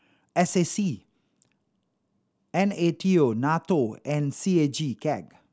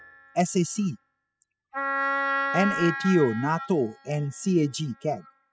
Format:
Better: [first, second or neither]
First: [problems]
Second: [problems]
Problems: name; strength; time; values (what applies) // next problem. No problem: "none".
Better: first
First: none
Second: noise reduction (classical method spectral subtraction)